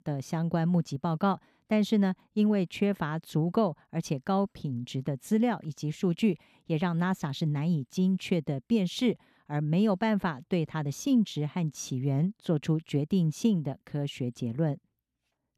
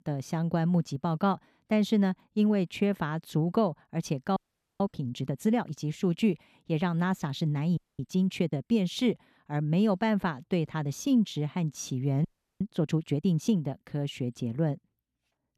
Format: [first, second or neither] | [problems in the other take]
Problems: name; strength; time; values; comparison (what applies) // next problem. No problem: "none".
first | audio freezing; at 4.5 s, at 8 s and at 12 s